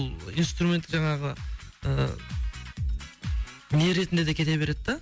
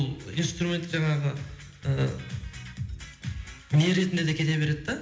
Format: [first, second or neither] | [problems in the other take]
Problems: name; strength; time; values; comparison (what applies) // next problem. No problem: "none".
first | room echo; dies away in 0.8 s